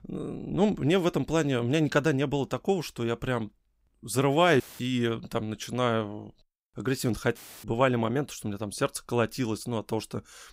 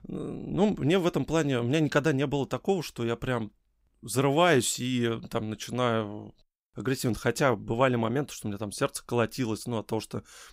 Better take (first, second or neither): second